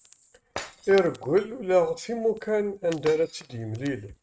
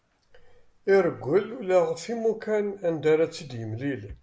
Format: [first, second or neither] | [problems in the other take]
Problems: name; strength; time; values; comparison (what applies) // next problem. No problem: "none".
second | noise reduction (neural mask model RNNoise)